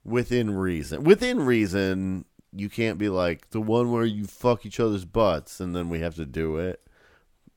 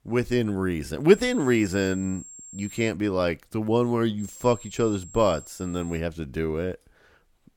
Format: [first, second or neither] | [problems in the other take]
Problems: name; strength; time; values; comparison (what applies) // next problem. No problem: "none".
first | high-pitched whine; noticeable; from 1 to 3 s and from 4 to 6 s; 7.5 kHz, 15 dB below the speech